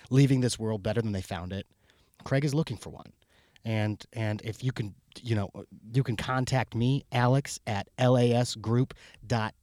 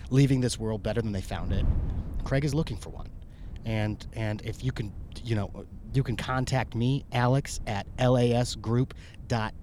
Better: first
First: none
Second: wind noise on the microphone; occasional gusts; 20 dB below the speech

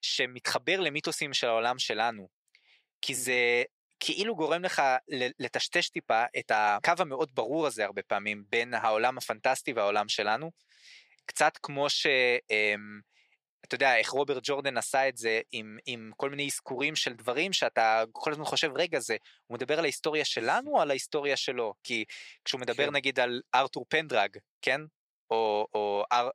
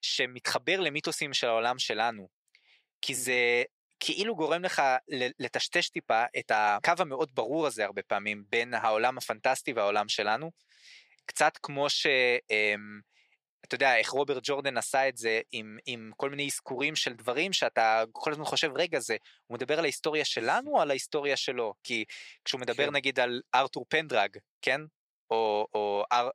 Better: neither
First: thin; very; fading below 500 Hz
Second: thin; very; fading below 500 Hz

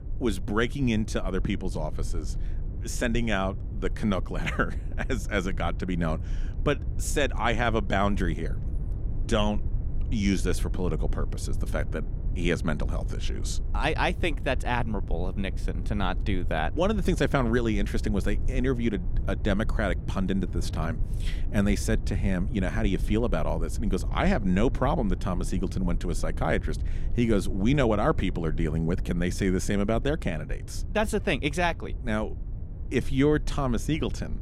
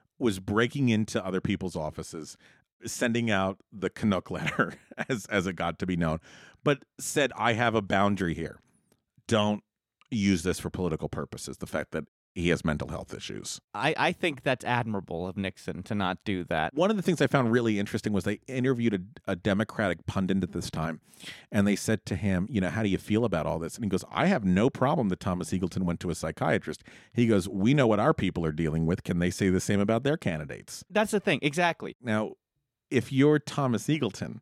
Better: second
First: low rumble; noticeable; throughout; 20 dB below the speech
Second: none

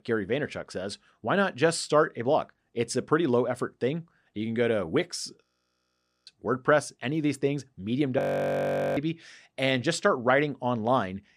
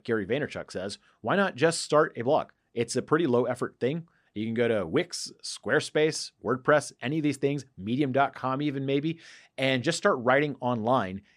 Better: second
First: audio freezing; at 5.5 s for 1 s and at 8 s for 1 s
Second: none

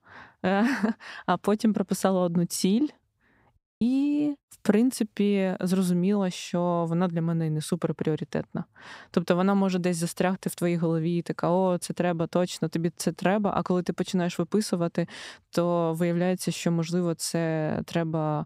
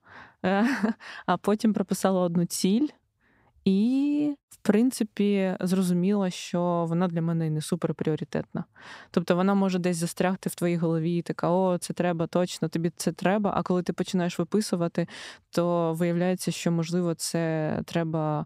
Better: second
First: audio cutting out; at 3.5 s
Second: none

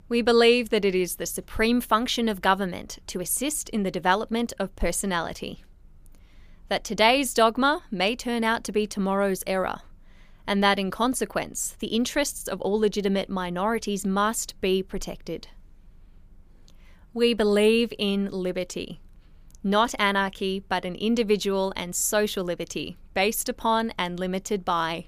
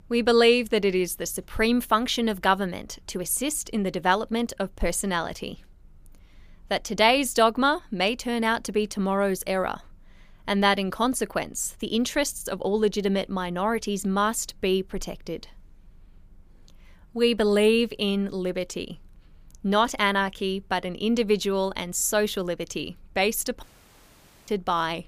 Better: first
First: none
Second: audio cutting out; at 24 s for 1 s

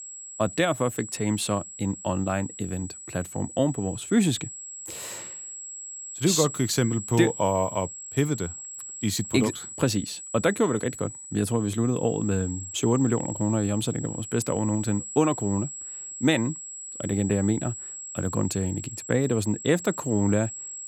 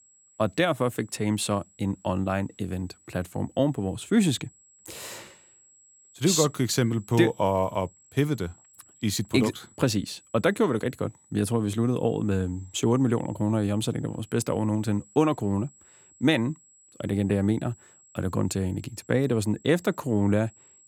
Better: second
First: high-pitched whine; loud; throughout; 7.5 kHz, 10 dB below the speech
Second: high-pitched whine; faint; throughout; 7.5 kHz, 30 dB below the speech

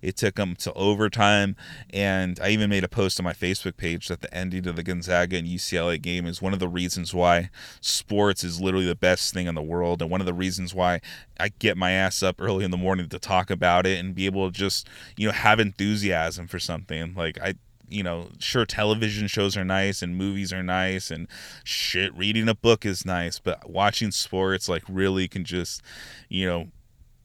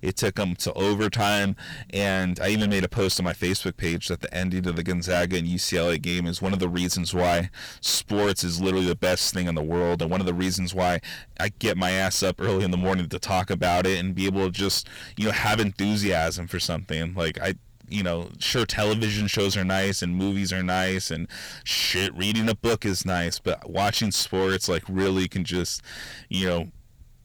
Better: first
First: none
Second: distortion; heavy; 13% of the sound clipped

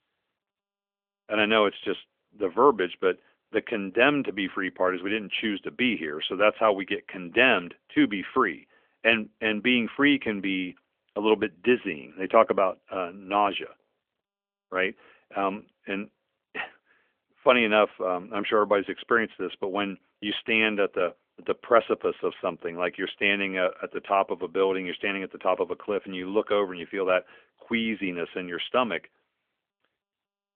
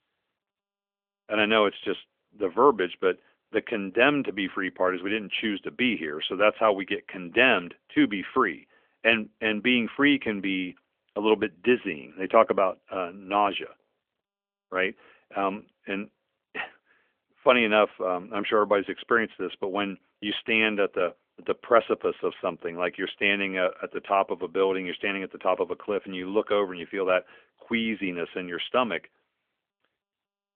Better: neither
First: phone-call audio; nothing above 3.5 kHz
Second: phone-call audio; nothing above 3.5 kHz

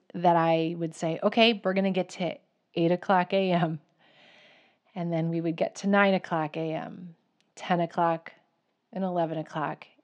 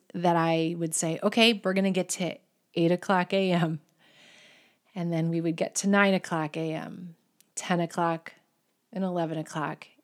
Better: second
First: muffled; slightly; fading above 4.5 kHz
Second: none

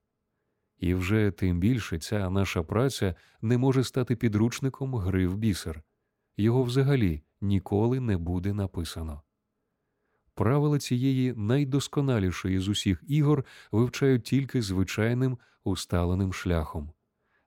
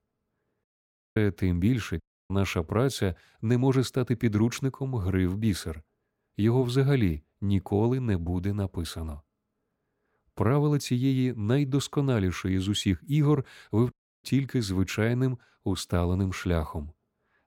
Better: first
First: none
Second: audio cutting out; at 0.5 s for 0.5 s, at 2 s and at 14 s

